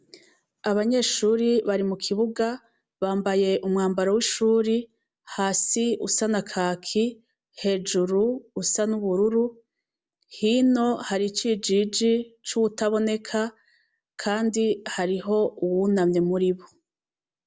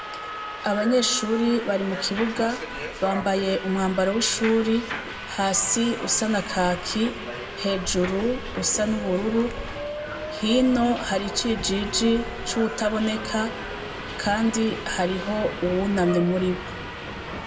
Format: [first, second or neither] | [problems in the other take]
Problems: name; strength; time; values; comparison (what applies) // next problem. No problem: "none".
first | background sound (Subway, metro, underground); 8 dB below the speech // room echo; dies away in 0.8 s